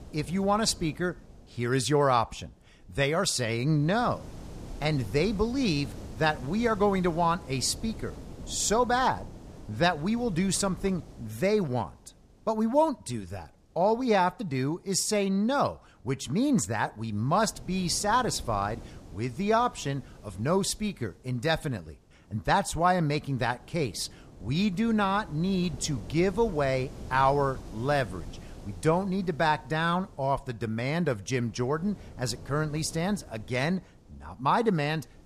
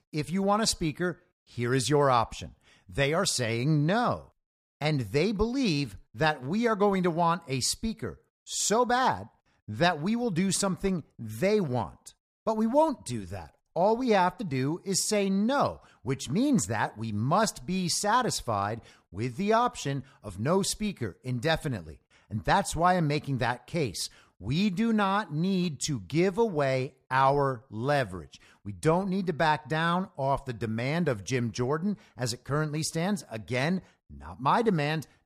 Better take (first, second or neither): second